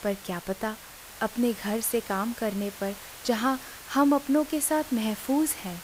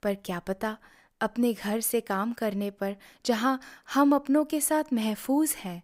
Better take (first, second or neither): second